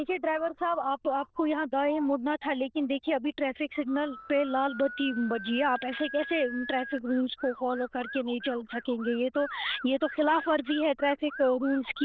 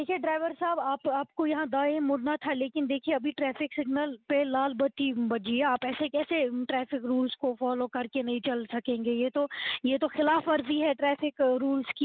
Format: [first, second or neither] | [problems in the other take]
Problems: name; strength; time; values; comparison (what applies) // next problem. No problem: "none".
second | noise reduction (neural diffusion model UNIVERSE++)